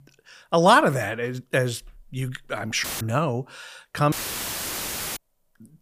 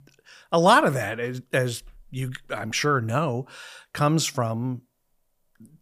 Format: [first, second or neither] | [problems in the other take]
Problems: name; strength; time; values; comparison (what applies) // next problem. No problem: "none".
second | audio cutting out; filled with static; at 3 s and at 4 s for 1 s